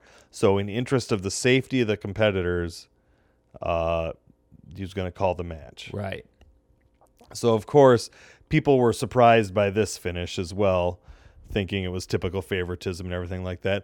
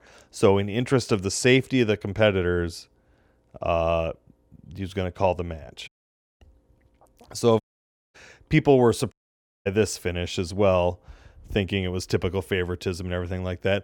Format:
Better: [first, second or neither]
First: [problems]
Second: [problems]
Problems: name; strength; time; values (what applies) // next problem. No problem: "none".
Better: first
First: none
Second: audio cutting out; at 6 s for 0.5 s, at 7.5 s for 0.5 s and at 9 s for 0.5 s